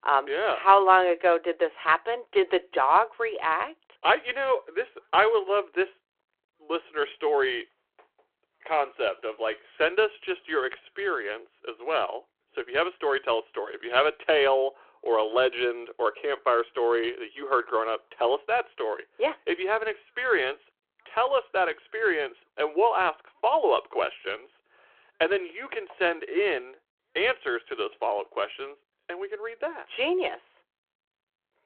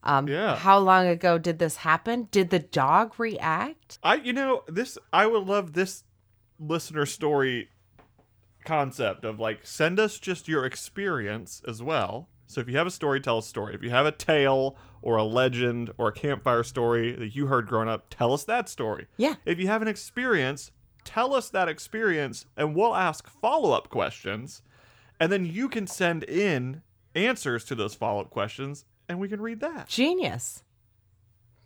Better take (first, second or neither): second